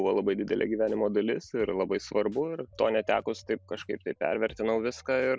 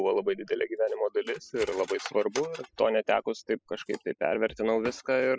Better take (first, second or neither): first